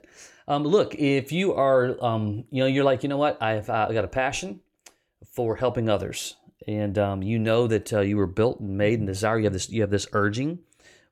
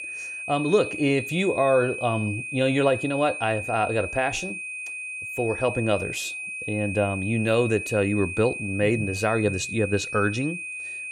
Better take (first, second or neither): first